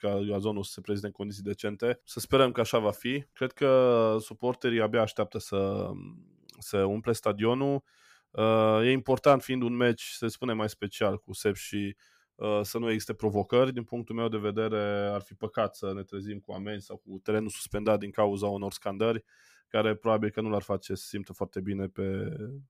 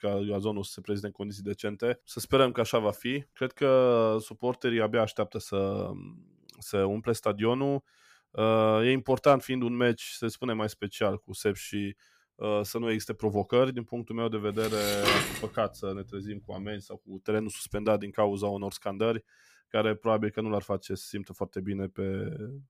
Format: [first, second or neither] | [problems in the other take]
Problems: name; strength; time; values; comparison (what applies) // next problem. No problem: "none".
first | clattering dishes; loud; at 15 s; peak 4 dB above the speech